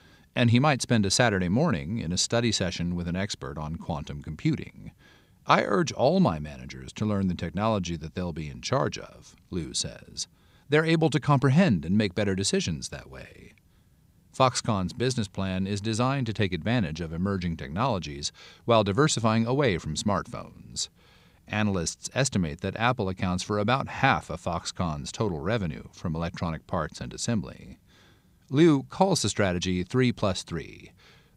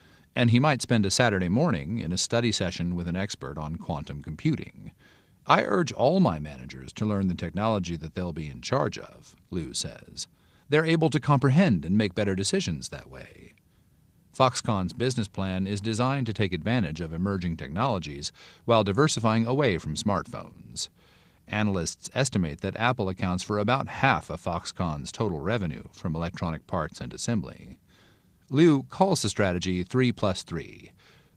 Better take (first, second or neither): first